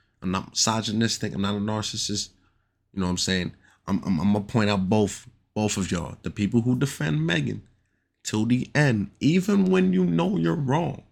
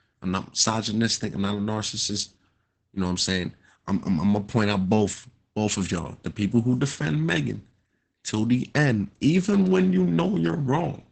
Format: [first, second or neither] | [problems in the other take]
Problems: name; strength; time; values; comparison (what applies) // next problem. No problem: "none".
first | garbled, watery; badly; nothing above 8 kHz